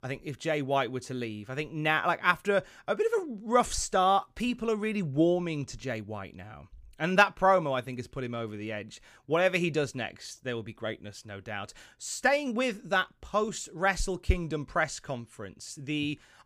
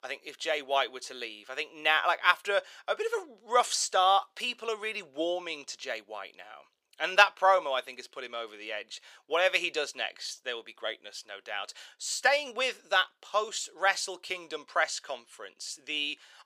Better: first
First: none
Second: thin; very; fading below 500 Hz

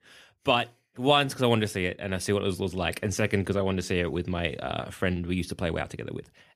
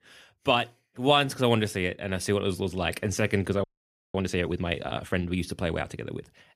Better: first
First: none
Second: audio freezing; at 3.5 s

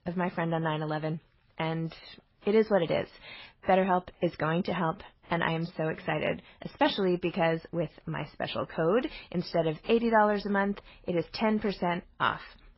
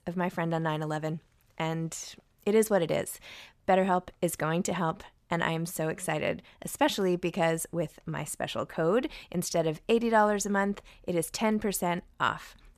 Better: second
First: garbled, watery; badly; nothing above 5.5 kHz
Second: none

